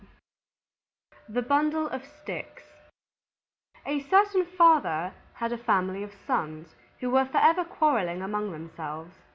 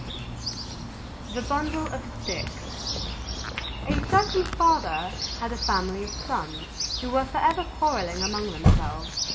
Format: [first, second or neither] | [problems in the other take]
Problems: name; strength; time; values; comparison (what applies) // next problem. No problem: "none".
first | background sound (Chirp, tweet); 1 dB below the speech // room echo; dies away in 0.8 s